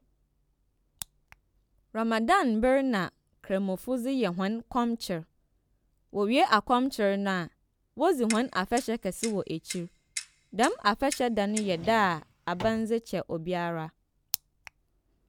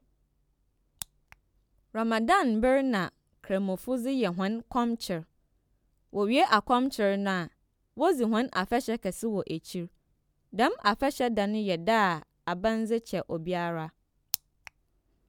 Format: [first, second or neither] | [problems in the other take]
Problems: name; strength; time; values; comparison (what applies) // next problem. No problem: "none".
second | background sound (Drawer open or close + Clock); 13 dB below the speech